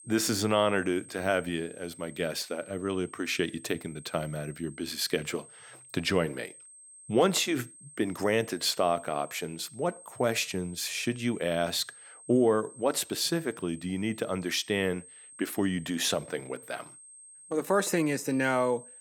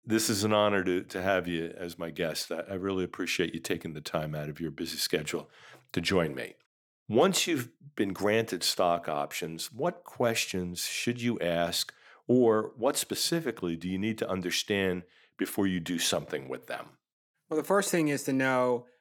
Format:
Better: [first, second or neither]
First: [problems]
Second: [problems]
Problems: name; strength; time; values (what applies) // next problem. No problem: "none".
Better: second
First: high-pitched whine; noticeable; throughout; 8.5 kHz, 20 dB below the speech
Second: none